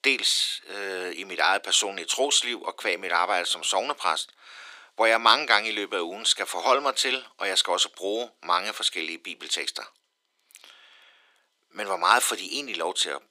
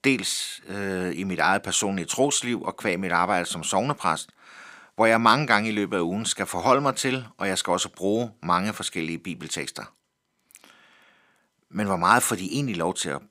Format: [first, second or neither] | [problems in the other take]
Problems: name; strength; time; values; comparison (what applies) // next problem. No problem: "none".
second | thin; somewhat; fading below 350 Hz